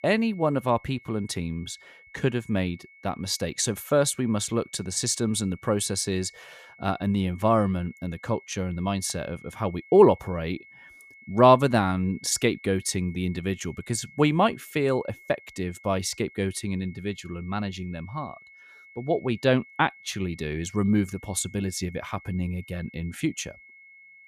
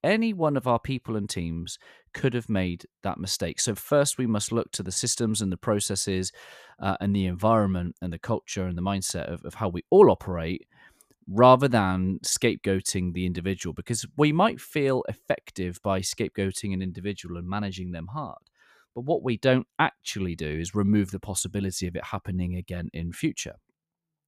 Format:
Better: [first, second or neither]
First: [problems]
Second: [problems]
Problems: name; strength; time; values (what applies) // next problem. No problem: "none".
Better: second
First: high-pitched whine; faint; throughout; 2 kHz, 25 dB below the speech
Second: none